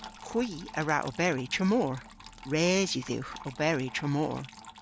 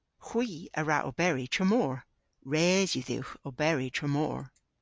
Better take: second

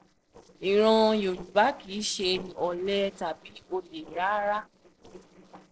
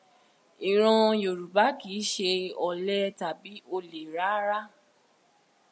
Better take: second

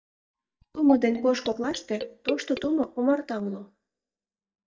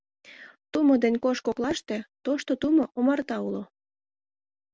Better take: second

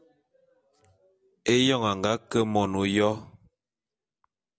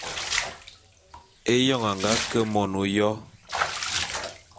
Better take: first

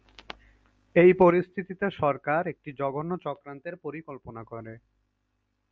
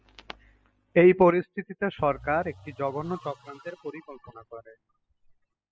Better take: first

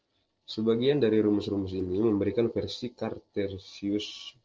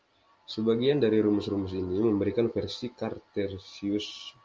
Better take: second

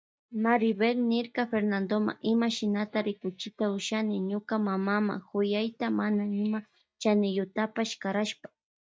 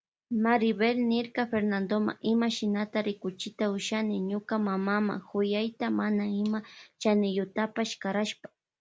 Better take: second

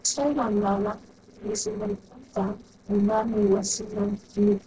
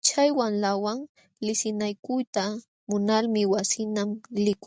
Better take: second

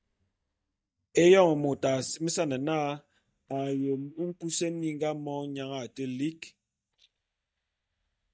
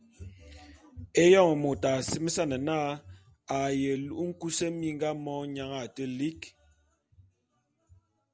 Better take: second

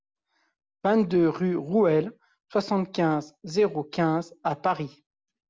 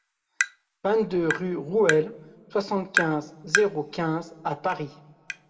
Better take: first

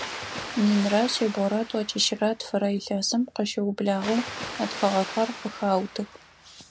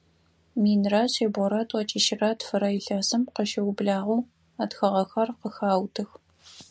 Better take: second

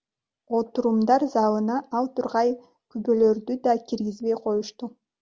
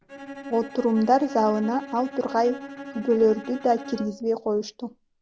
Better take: first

